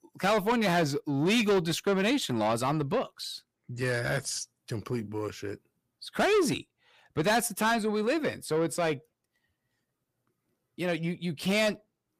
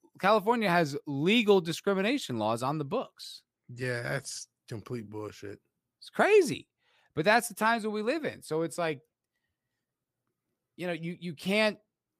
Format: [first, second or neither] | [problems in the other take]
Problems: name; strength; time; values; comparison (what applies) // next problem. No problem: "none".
second | distortion; heavy; 7 dB below the speech